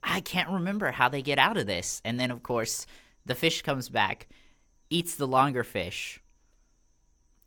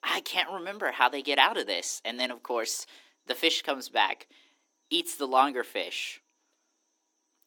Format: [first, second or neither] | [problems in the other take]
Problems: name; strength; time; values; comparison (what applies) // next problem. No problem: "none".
first | thin; somewhat; fading below 300 Hz